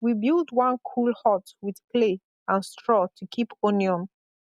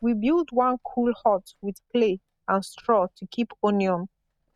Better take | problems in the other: first | noise reduction (neural mask model RNNoise)

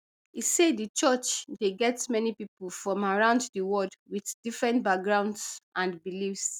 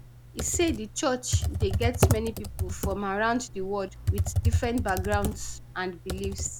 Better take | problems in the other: first | background sound (Computer keyboard); 1 dB above the speech

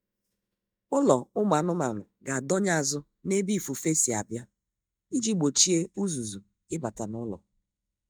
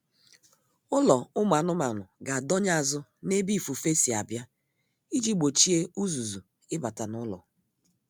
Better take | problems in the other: second | noise reduction (neural mask model DeepFilterNet 3)

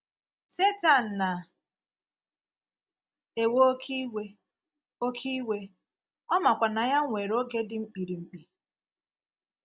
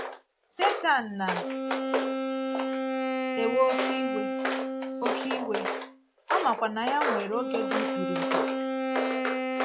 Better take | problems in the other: first | background sound (Walk, footsteps + Wind instrument, woodwind instrument); 2 dB above the speech

